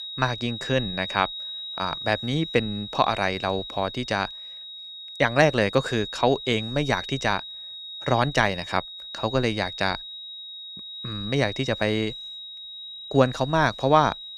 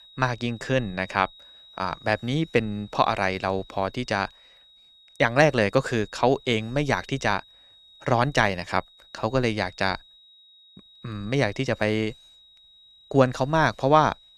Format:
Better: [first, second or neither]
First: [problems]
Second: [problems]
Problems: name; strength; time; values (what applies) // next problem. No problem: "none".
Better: second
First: high-pitched whine; loud; throughout; 4 kHz, 10 dB below the speech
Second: high-pitched whine; faint; throughout; 4 kHz, 25 dB below the speech